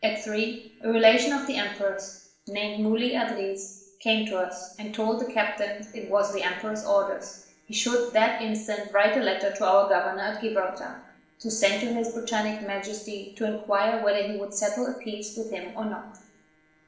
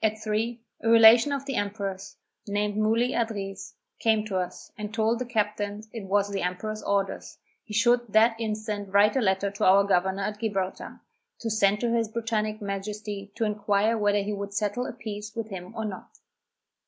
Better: second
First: noise reduction (neural separator model SepFormer DNS4)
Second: none

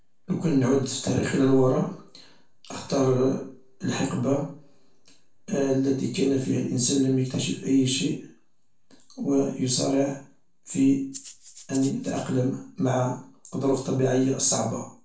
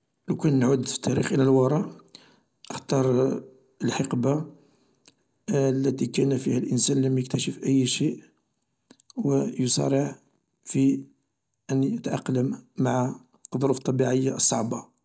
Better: second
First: background sound (Rattle (instrument)); 17 dB below the speech // room echo; dies away in 0.3 s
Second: none

